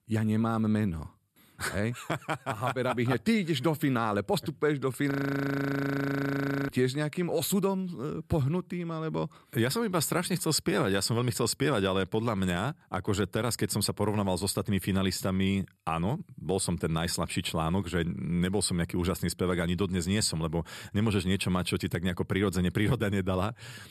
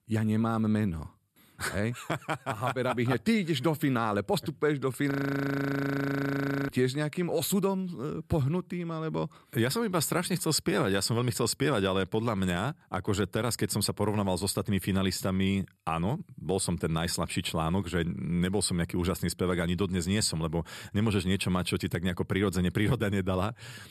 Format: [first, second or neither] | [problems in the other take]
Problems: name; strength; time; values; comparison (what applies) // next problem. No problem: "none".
neither | audio freezing; at 5 s for 1.5 s; the same in both